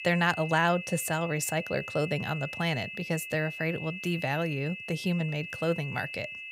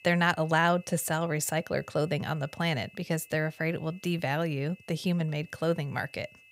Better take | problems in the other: second | high-pitched whine; loud; throughout; 2.5 kHz, 8 dB below the speech; faint in the second

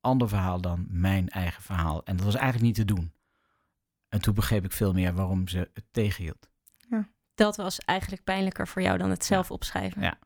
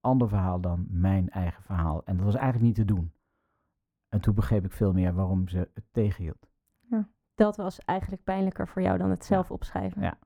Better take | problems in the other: first | muffled; very; fading above 1.5 kHz

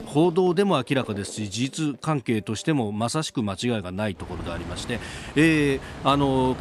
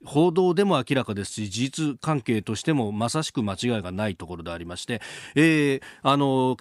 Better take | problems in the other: second | traffic noise; noticeable; throughout; 15 dB below the speech

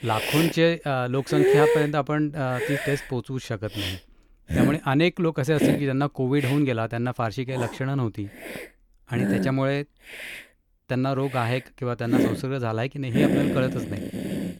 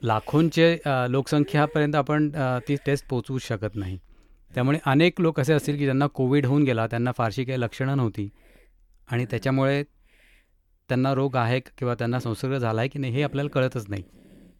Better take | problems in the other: second | hiss; loud; throughout; 1 dB below the speech; faint in the second

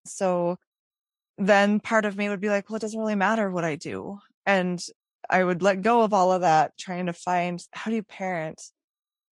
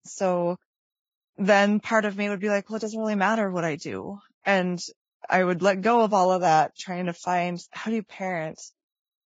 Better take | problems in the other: first | garbled, watery; badly; nothing above 7.5 kHz; slightly in the first

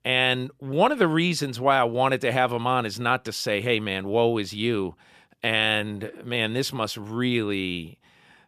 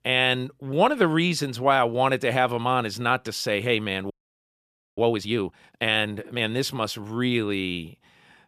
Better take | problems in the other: first | audio freezing; at 4 s for 1 s

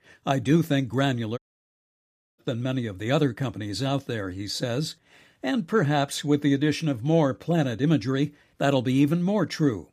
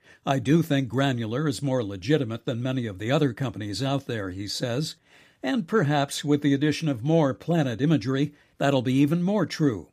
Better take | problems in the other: second | audio cutting out; at 1.5 s for 1 s

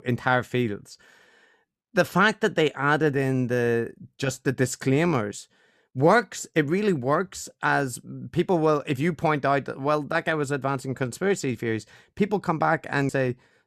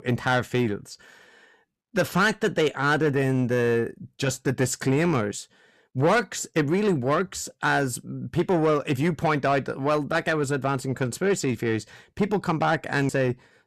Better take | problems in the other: first | distortion; slight; 10 dB below the speech

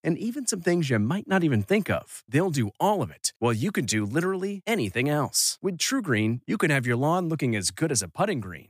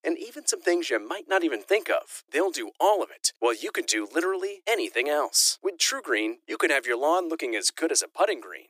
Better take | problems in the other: first | thin; very; fading below 300 Hz

